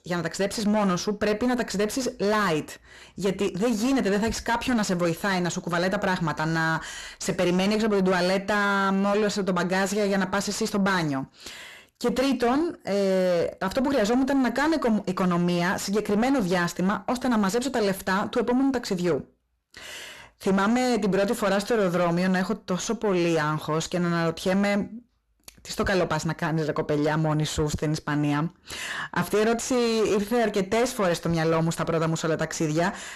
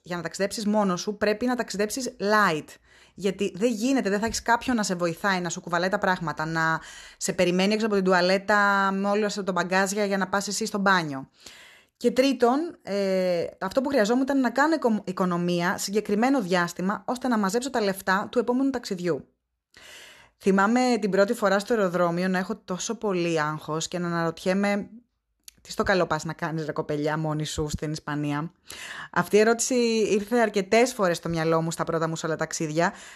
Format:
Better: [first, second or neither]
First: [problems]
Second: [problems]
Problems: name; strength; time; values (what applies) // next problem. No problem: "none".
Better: second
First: distortion; heavy; 7 dB below the speech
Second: none